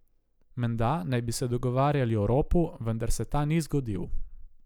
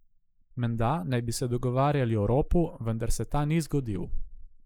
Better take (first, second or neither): first